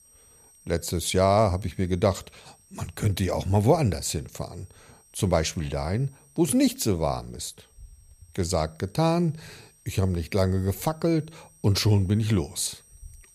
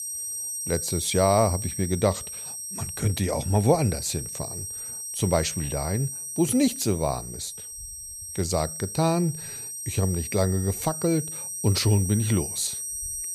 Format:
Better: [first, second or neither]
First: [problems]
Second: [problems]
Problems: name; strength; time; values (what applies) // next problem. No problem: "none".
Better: first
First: high-pitched whine; faint; throughout; 8.5 kHz, 30 dB below the speech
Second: high-pitched whine; loud; throughout; 8.5 kHz, 6 dB below the speech